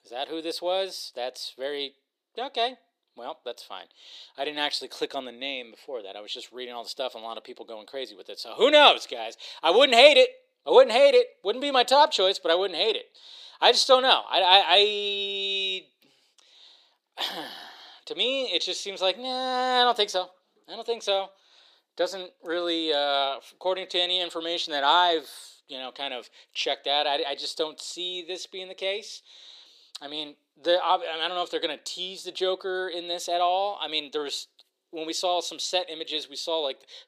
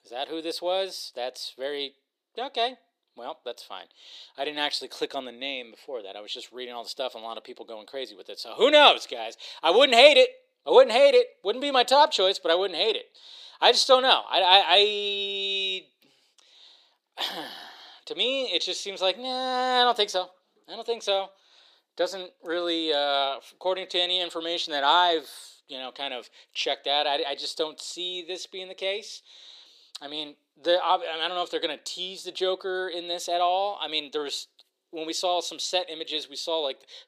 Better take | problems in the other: neither | thin; somewhat; fading below 350 Hz; the same in both

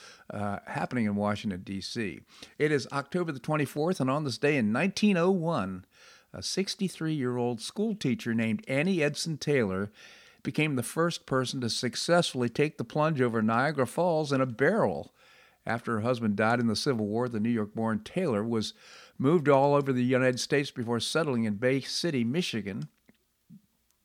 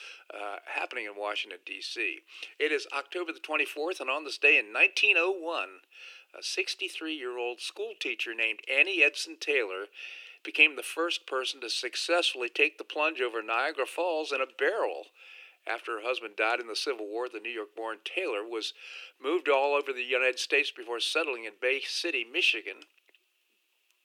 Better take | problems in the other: first | thin; very; fading below 300 Hz

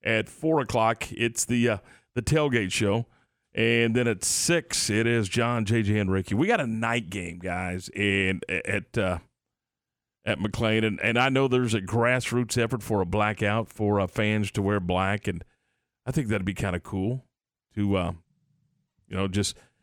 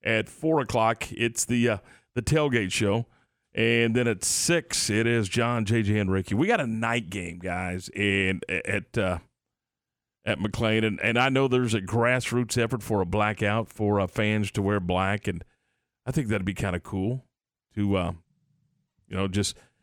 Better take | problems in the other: neither | none

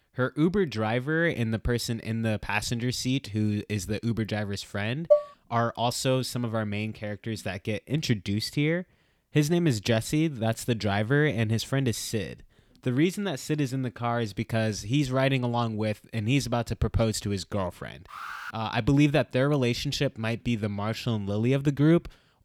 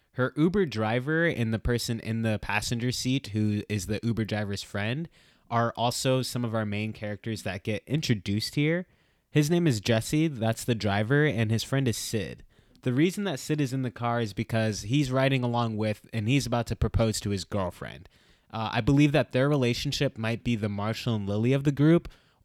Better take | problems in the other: second | clattering dishes; loud; at 5 s; peak 3 dB above the speech // alarm; noticeable; at 18 s; peak 10 dB below the speech

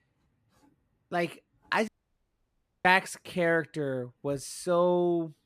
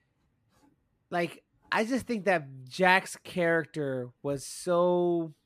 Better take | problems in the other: second | audio cutting out; at 2 s for 1 s

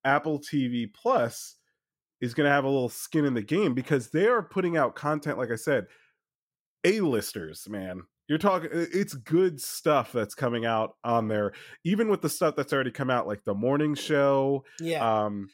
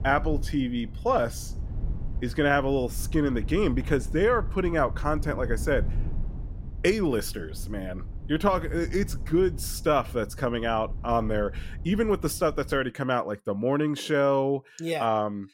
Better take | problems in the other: first | low rumble; faint; until 13 s; 25 dB below the speech

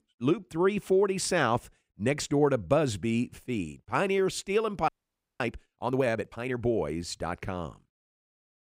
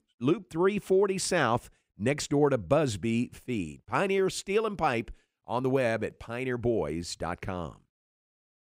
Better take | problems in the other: second | audio freezing; at 5 s for 0.5 s

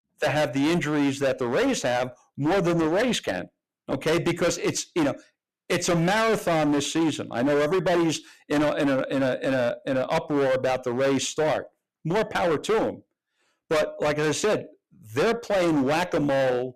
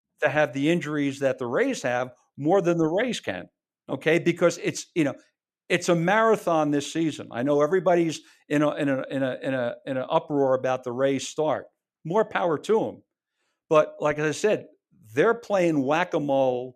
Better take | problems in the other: second | distortion; heavy; 21% of the sound clipped

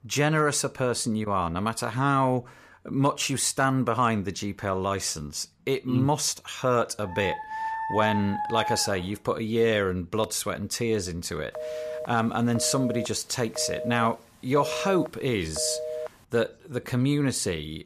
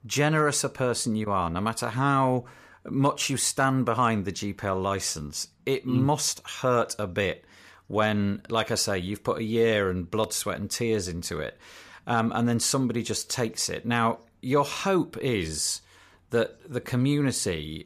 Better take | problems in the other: second | dog barking; noticeable; from 7 to 9 s; peak 3 dB below the speech // phone ringing; noticeable; from 12 to 16 s; peak 6 dB below the speech

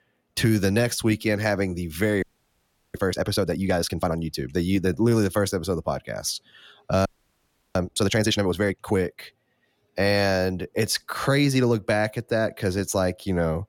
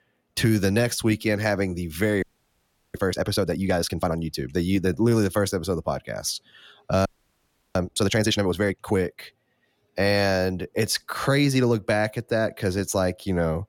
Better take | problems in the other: neither | audio freezing; at 2 s for 0.5 s and at 7 s for 0.5 s; the same in both

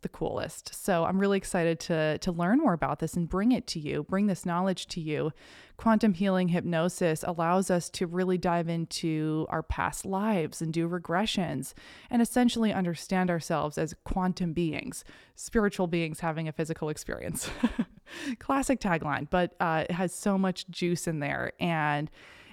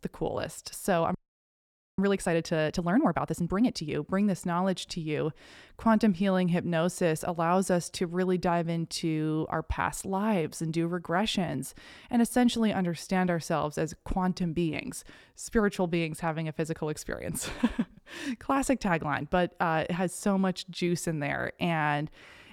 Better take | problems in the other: first | audio freezing; at 1 s for 1 s

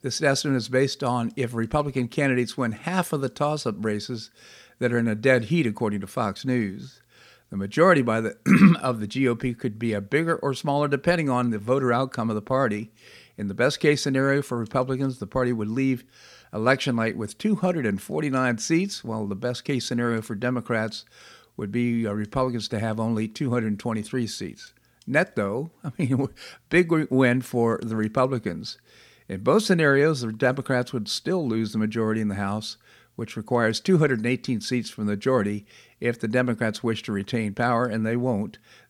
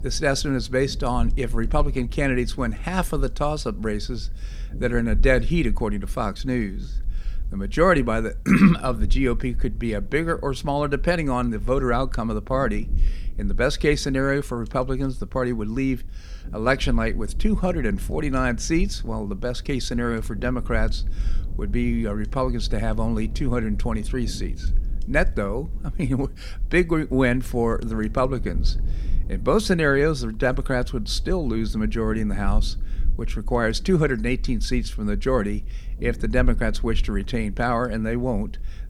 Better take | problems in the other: first | low rumble; faint; throughout; 25 dB below the speech

